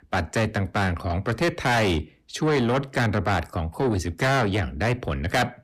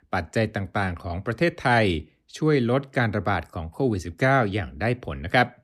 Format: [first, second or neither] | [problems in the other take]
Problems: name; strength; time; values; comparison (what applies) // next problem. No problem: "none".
second | distortion; heavy; 7 dB below the speech